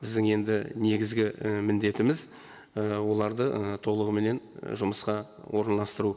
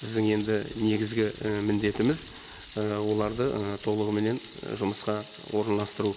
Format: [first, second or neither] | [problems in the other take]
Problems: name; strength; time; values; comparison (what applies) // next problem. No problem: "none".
first | background sound (Thunder); 19 dB below the speech